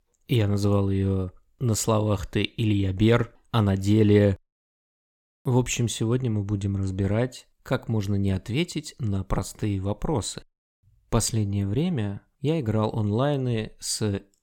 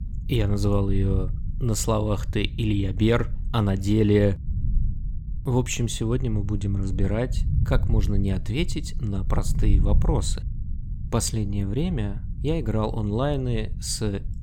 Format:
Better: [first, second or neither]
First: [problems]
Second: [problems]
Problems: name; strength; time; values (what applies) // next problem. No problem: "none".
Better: first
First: none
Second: low rumble; noticeable; throughout; 15 dB below the speech